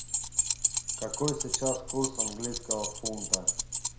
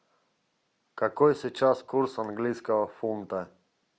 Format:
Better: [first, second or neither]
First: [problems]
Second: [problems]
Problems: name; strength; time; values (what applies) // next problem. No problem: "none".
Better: second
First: background sound (Keys jangling); 5 dB above the speech // room echo; dies away in 0.5 s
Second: none